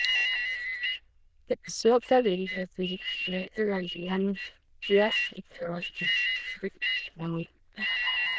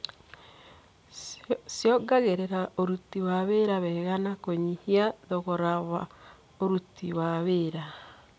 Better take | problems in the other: second | noise reduction (neural diffusion model UNIVERSE++)

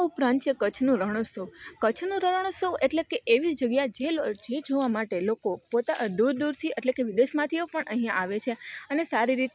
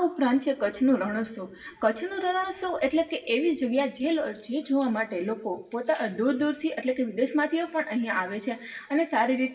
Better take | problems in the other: first | room echo; dies away in 0.6 s

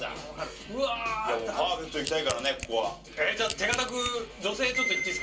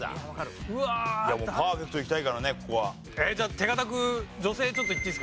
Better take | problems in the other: second | background sound (Crack / Crushing); 11 dB below the speech // room echo; dies away in 0.3 s

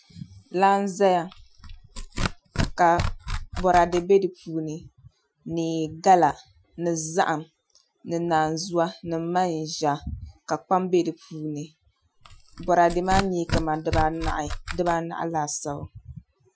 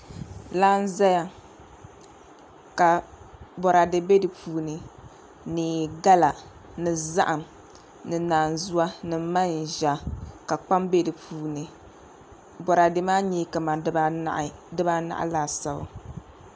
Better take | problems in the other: second | noise reduction (classical method Wiener filter)

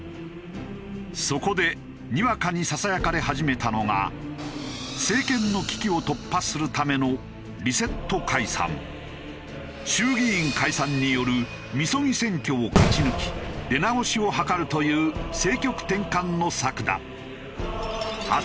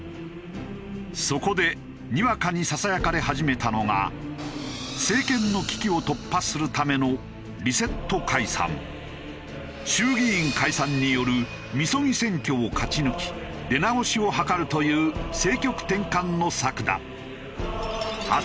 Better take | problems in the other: second | background sound (Fireworks); 1 dB above the speech

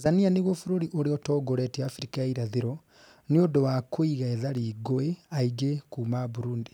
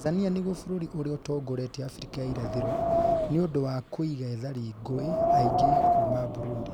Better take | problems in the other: first | background sound (Wind); 2 dB above the speech

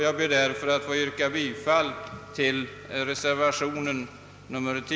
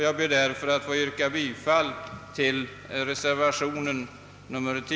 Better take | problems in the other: second | background sound (Chink, clink); 17 dB below the speech

